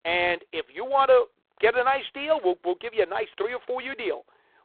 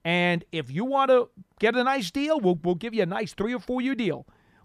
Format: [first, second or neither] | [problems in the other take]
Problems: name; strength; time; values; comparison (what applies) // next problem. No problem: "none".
second | phone-call audio; poor line